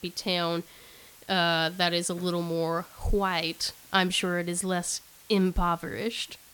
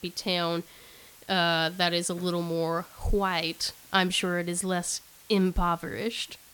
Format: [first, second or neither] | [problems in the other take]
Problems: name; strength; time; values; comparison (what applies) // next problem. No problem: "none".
neither | hiss; faint; throughout; 20 dB below the speech; the same in both